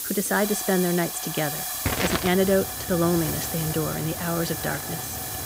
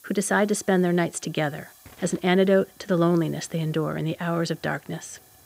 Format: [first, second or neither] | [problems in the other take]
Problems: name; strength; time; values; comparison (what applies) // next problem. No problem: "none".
second | hiss; loud; throughout; 3 dB below the speech; faint in the second